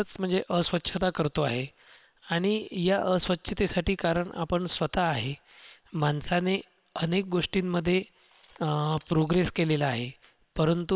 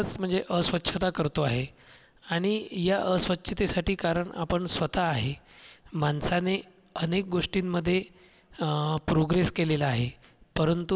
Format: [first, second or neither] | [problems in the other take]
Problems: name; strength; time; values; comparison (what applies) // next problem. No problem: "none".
second | noise reduction (neural separator model SepFormer WHAM!)